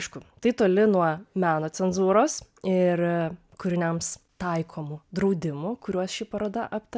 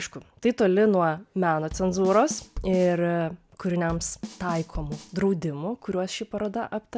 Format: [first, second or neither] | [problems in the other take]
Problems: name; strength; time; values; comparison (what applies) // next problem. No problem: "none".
first | background sound (Bass drum / Snare drum / Drum kit); 14 dB below the speech